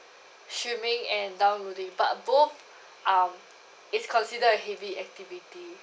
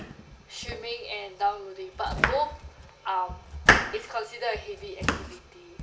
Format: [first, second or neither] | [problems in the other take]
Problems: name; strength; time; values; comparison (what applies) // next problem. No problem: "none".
first | background sound (Domestic sounds, home sounds); 3 dB above the speech // room echo; dies away in 2.2 s